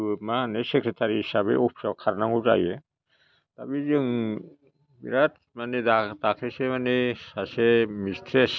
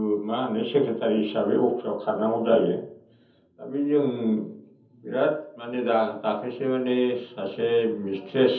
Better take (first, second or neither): first